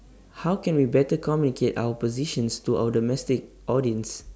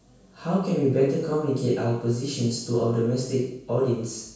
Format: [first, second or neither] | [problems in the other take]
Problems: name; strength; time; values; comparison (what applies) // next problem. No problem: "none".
first | room echo; dies away in 0.7 s